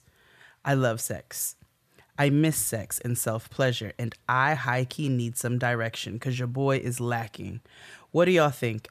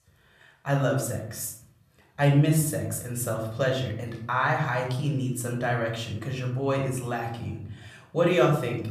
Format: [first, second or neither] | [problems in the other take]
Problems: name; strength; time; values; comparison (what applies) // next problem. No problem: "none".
first | room echo; slight; dies away in 0.6 s // off-mic speech; somewhat distant